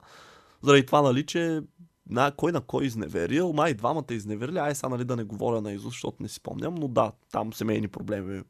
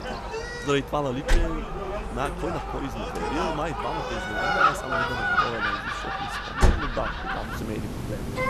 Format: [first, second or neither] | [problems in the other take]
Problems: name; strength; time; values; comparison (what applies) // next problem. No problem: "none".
first | animal sounds; very loud; throughout; 5 dB above the speech